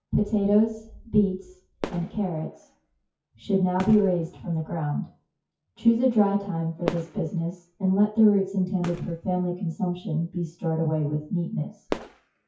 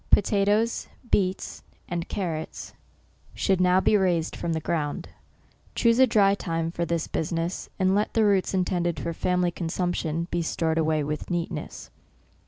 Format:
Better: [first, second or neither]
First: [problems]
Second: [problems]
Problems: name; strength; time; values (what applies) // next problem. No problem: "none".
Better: second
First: noise reduction (classical method WPE with log-MMSE)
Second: none